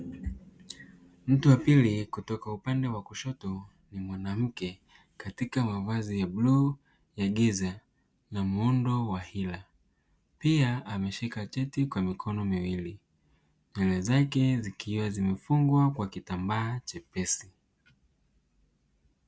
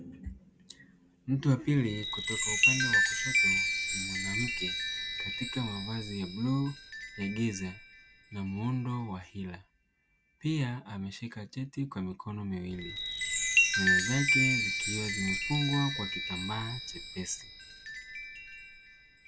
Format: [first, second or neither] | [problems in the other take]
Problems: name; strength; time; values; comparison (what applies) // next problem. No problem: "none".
first | background sound (Chime); 2 dB above the speech